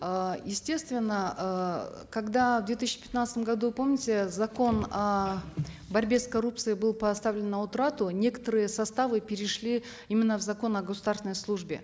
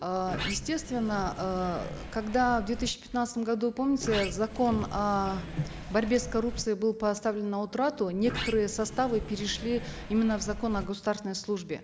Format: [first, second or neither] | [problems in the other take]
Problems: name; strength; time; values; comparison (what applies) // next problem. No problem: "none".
first | background sound (Sliding door); 9 dB below the speech